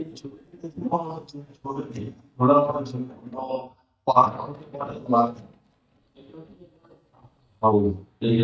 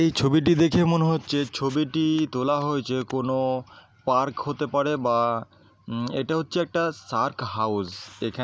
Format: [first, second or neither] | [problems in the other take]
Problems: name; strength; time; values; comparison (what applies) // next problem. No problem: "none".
second | noise reduction (neural mask model DeepFilterNet 3)